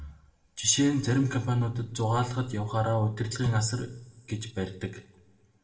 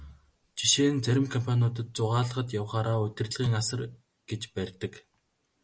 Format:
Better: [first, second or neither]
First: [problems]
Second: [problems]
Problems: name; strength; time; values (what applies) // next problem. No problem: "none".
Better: second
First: room echo; dies away in 0.9 s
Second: none